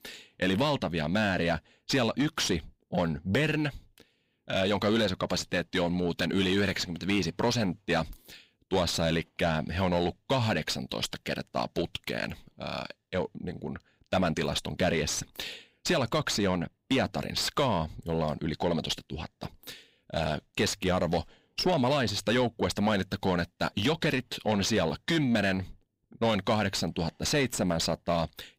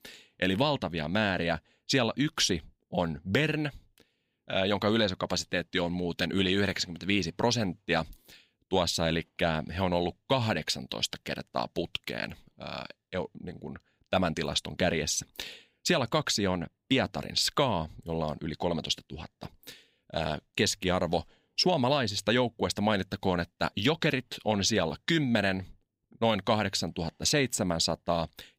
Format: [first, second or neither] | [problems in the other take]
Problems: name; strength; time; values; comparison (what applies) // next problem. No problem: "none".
second | distortion; slight; 9 dB below the speech